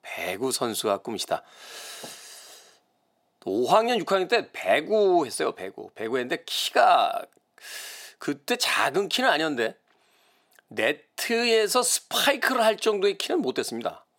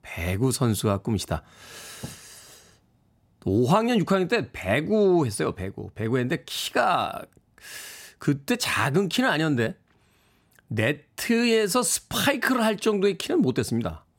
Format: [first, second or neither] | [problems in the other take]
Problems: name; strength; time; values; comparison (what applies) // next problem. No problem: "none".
second | thin; somewhat; fading below 450 Hz